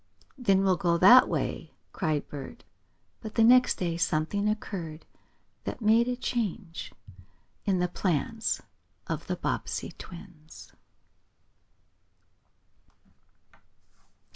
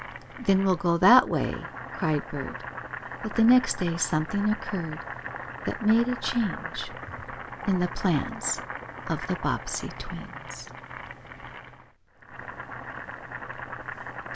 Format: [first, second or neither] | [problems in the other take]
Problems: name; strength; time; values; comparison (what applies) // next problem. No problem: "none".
first | background sound (Boiling); 10 dB below the speech